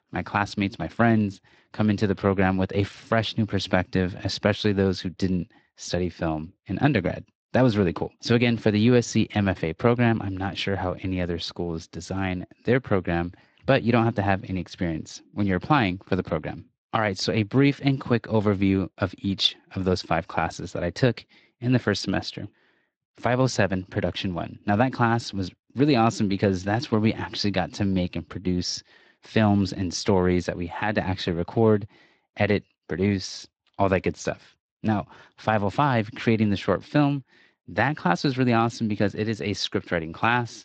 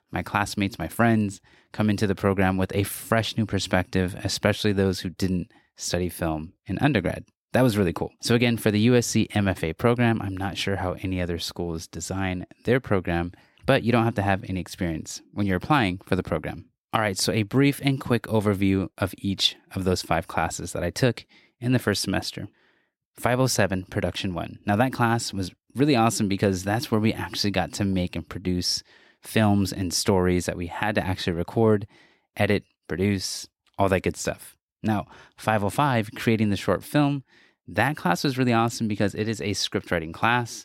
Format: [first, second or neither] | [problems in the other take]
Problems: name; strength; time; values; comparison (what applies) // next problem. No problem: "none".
second | garbled, watery; slightly